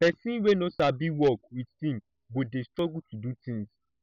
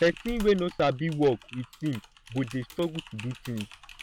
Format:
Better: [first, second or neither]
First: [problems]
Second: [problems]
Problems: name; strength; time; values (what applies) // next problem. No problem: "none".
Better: first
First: none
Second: background sound (Typing); 16 dB below the speech